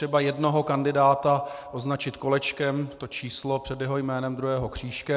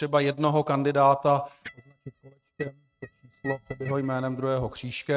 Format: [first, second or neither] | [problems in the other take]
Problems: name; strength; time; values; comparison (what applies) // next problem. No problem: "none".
first | noise reduction (neural mask model RNNoise)